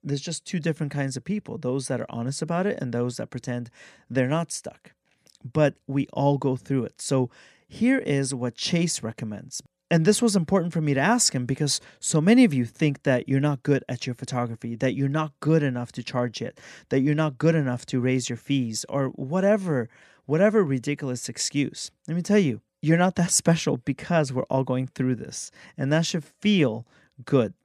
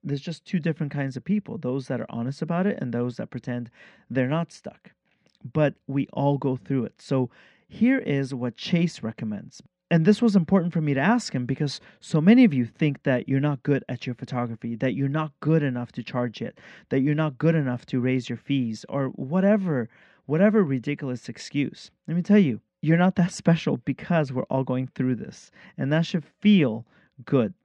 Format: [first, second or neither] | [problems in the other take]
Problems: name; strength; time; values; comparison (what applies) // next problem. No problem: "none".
first | muffled; slightly; fading above 3 kHz